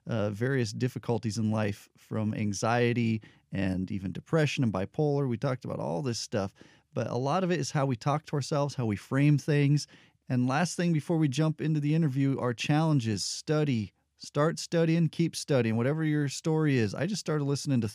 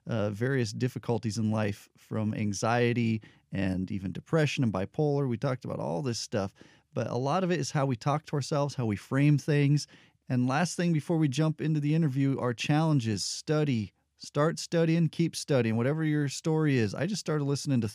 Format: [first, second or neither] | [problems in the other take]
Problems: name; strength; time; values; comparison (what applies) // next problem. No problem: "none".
neither | none